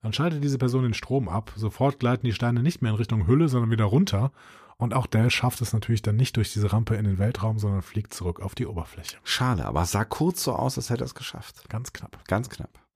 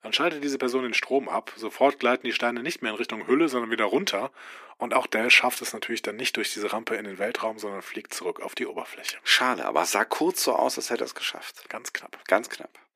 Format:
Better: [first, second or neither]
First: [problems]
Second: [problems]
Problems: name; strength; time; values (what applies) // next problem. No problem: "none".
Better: first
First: none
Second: thin; very; fading below 300 Hz